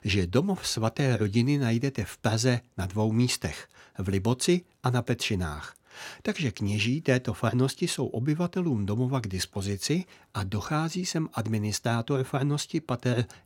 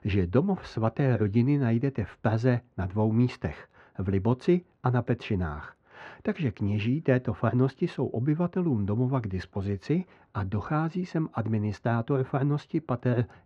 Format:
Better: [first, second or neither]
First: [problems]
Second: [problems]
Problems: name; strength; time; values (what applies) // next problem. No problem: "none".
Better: first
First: none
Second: muffled; very; fading above 1.5 kHz